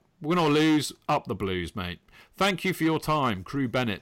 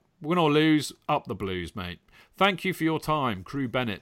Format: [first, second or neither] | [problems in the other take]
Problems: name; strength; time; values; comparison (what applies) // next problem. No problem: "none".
second | distortion; slight; 6% of the sound clipped